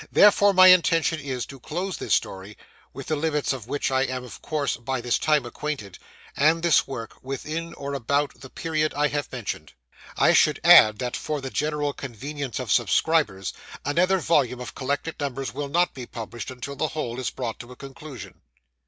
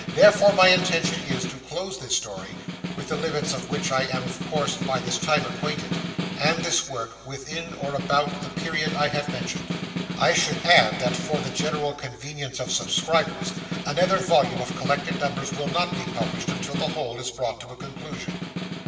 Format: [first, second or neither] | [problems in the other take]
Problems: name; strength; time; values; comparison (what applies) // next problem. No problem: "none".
first | background sound (Snare drum); 5 dB below the speech // room echo; dies away in 1.8 s